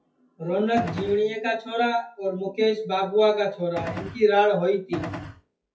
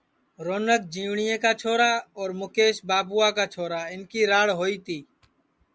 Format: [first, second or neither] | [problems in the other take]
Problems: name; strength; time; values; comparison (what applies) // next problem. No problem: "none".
second | noise reduction (classical method WPE with log-MMSE)